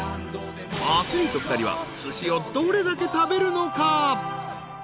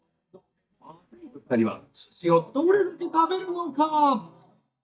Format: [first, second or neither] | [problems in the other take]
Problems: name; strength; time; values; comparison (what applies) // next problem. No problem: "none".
first | noise reduction (neural mask model DeepFilterNet 3)